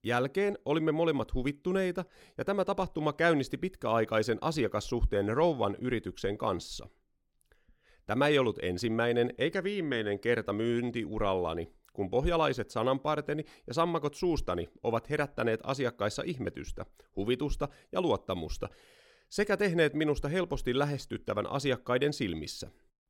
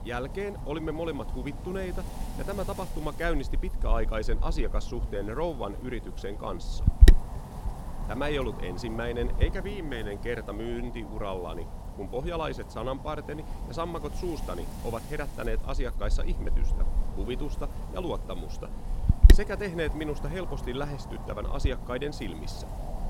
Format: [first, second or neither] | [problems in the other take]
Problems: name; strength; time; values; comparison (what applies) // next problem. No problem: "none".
first | wind noise on the microphone; heavy; 8 dB below the speech